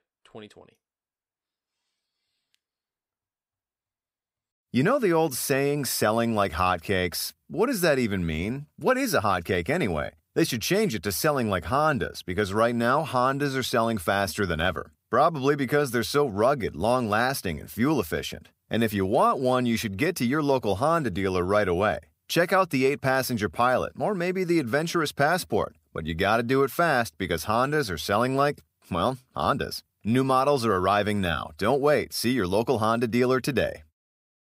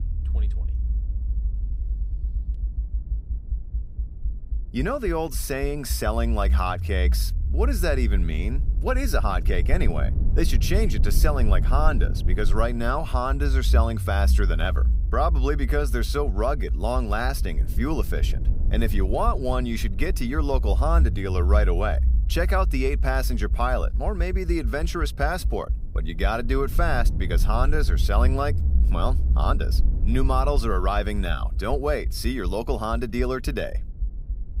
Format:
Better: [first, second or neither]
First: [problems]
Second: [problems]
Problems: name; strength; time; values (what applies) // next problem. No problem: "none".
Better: first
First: none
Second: low rumble; noticeable; throughout; 15 dB below the speech